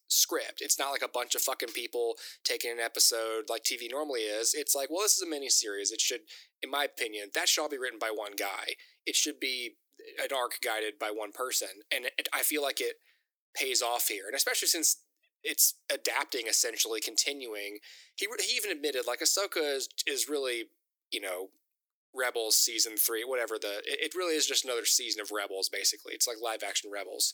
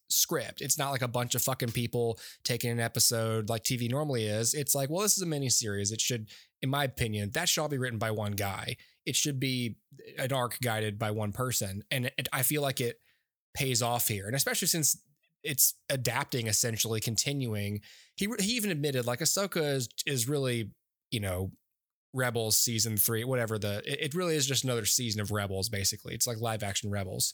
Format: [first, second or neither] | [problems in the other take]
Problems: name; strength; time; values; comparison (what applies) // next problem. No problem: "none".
second | thin; very; fading below 300 Hz